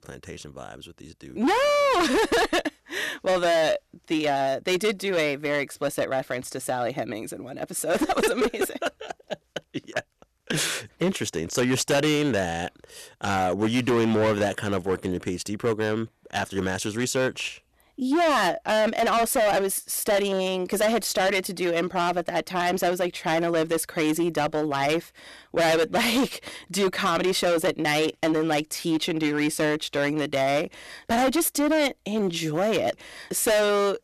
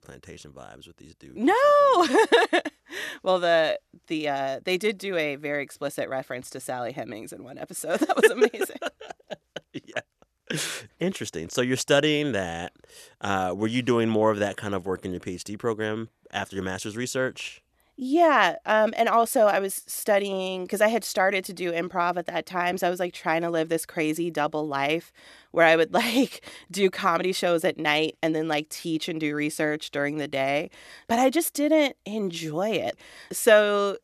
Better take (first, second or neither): second